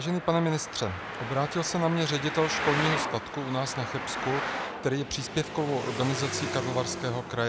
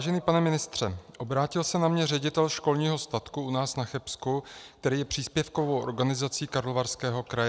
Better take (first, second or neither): second